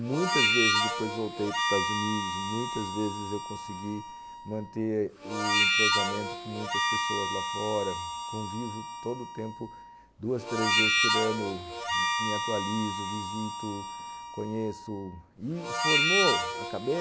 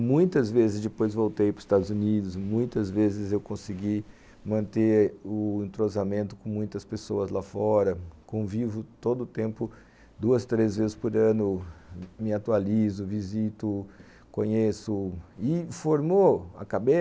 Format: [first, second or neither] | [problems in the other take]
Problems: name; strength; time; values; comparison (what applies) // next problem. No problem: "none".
second | background sound (Harmonica); 3 dB above the speech